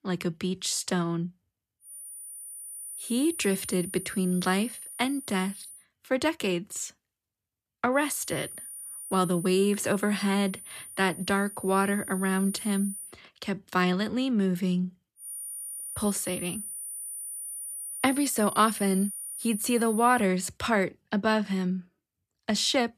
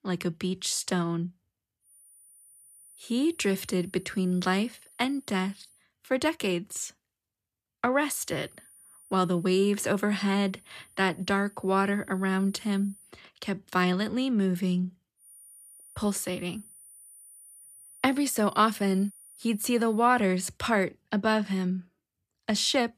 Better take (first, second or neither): second